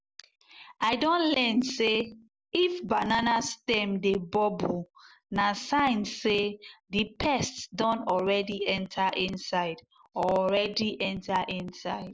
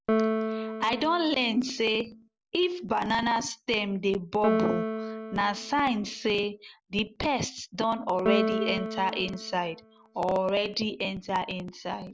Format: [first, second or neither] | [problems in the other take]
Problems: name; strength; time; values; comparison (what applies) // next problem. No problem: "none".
first | background sound (Piano); 4 dB below the speech